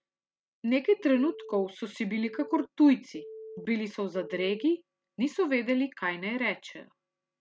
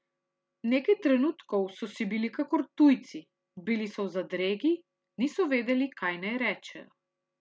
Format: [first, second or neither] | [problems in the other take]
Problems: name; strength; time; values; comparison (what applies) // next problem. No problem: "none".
second | noise reduction (neural mask model RNNoise)